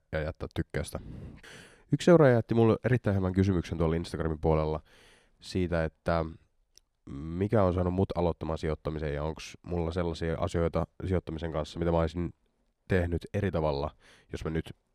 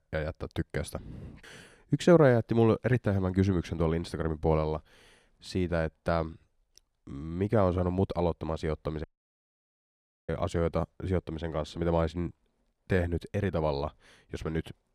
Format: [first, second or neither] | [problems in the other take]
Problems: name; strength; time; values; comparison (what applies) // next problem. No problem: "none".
first | audio cutting out; at 9 s for 1.5 s